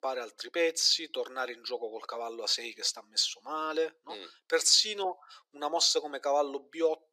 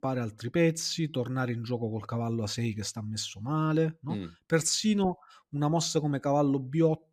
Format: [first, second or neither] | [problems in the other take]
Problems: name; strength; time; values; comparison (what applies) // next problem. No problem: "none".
second | thin; very; fading below 400 Hz